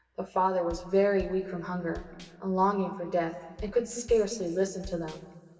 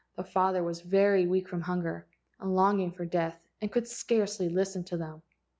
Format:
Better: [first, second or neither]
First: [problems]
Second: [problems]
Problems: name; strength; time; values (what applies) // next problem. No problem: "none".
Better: second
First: background sound (Bass drum); 17 dB below the speech // room echo; dies away in 2.2 s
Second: none